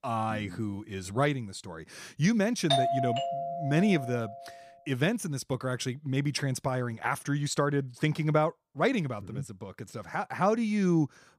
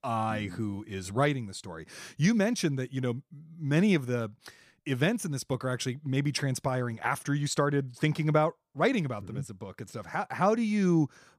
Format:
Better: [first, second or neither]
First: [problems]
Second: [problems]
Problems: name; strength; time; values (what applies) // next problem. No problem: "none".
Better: second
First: doorbell; loud; from 2.5 to 4 s; peak 3 dB above the speech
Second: none